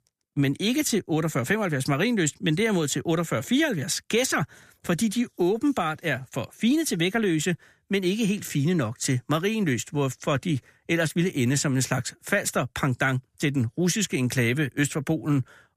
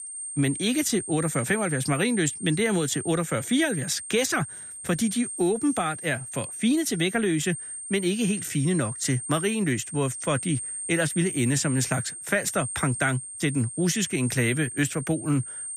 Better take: first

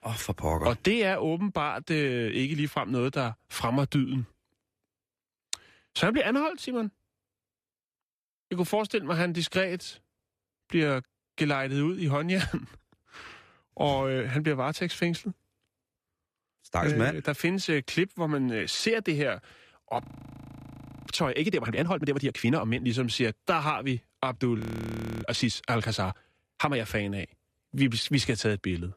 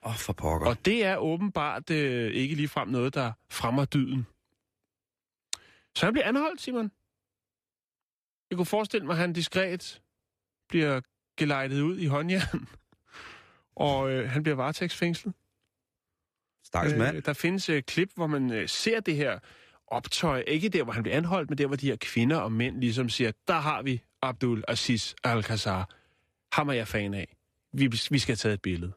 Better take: second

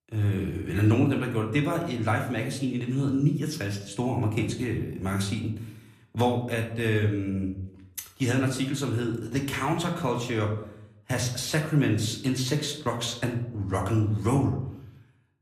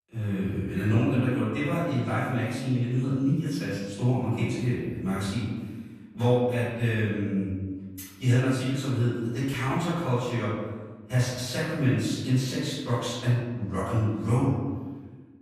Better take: first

